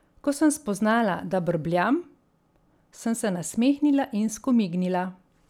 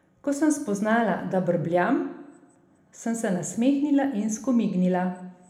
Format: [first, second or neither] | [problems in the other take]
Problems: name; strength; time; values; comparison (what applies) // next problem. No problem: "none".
first | room echo; dies away in 0.7 s